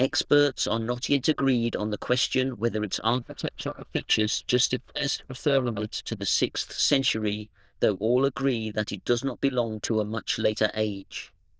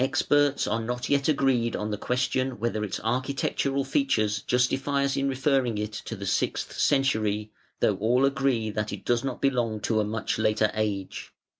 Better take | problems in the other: second | noise reduction (neural diffusion model UNIVERSE++)

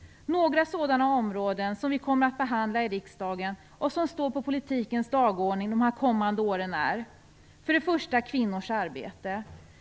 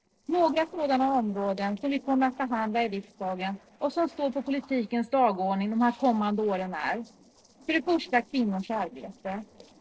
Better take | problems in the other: first | noise reduction (neural separator model SepFormer DNS4)

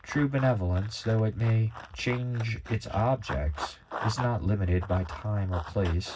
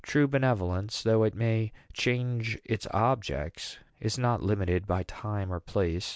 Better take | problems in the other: second | background sound (Run); 14 dB below the speech // room echo; dies away in 0.4 s

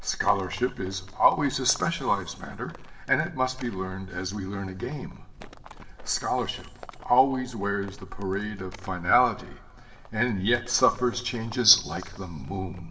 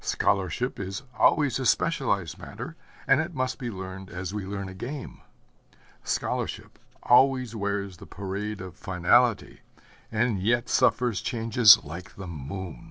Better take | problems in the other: second | background sound (Livestock, farm animals, working animals); 18 dB below the speech // room echo; dies away in 1.8 s

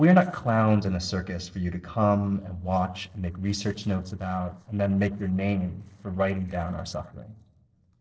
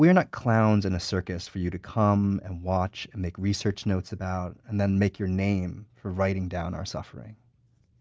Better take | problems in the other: second | noise reduction (neural separator model SepFormer DNS4)

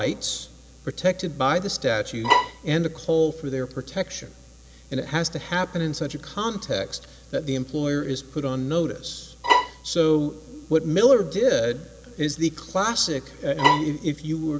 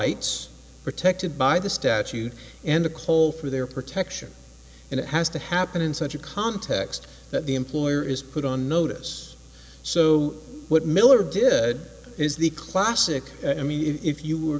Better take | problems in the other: second | background sound (Bowed string instrument); 2 dB above the speech

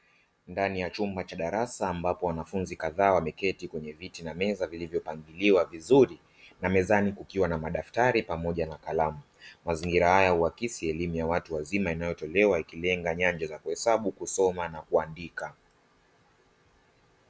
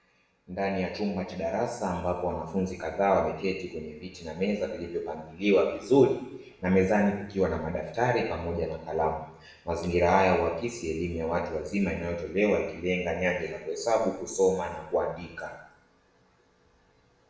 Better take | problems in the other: first | room echo; dies away in 0.8 s

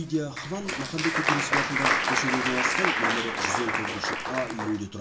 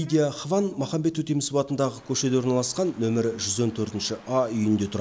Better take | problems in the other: second | background sound (Applause); 4 dB above the speech // room echo; dies away in 0.2 s

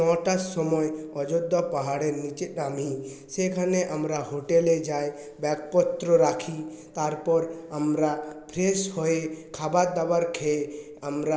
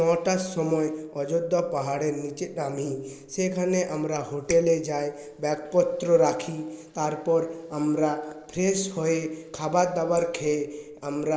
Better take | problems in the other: first | noise reduction (neural mask model Resemble Enhance denoiser)

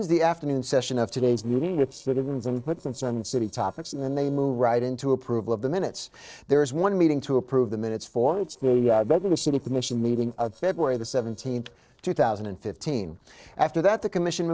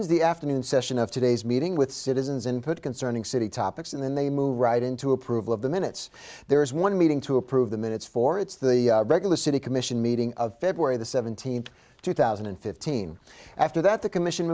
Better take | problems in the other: second | noise reduction (neural separator model SepFormer DNS4)

